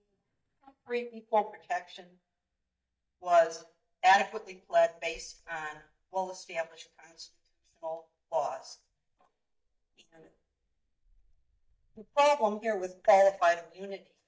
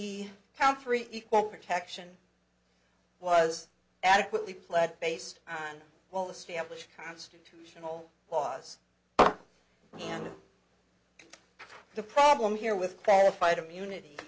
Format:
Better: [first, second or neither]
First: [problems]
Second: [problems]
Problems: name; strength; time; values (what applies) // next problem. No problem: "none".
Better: second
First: noise reduction (neural mask model DeepFilterNet 3)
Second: none